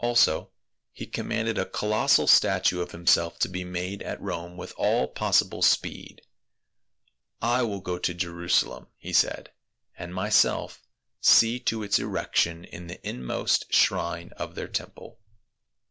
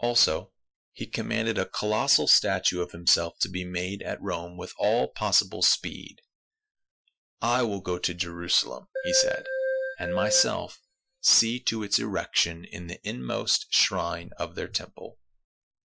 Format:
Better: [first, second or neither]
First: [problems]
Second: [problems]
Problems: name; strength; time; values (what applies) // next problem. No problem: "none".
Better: first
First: none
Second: noise reduction (classical method Wiener filter)